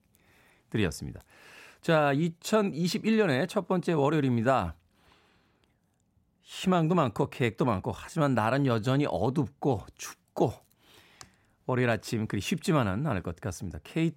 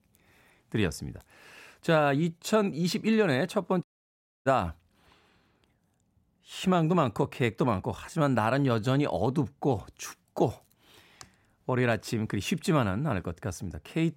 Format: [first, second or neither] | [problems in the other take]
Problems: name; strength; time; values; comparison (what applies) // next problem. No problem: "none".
first | audio cutting out; at 4 s for 0.5 s